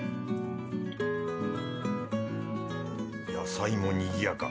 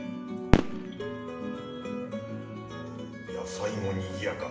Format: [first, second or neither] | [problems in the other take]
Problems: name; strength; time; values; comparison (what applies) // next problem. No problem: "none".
first | background sound (Fireworks); 4 dB above the speech // room echo; dies away in 0.9 s